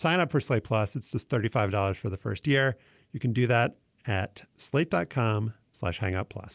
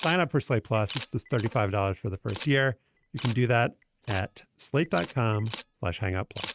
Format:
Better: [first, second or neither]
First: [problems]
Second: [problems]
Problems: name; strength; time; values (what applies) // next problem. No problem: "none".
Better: first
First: none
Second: noise reduction (neural mask model RNNoise)